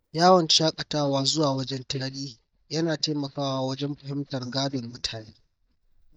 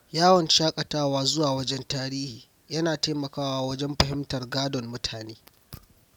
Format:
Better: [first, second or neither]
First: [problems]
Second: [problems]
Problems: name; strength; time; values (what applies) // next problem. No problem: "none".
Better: second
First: noise reduction (neural mask model DeepFilterNet 3)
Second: none